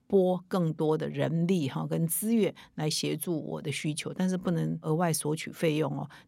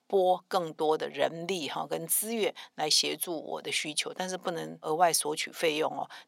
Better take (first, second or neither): first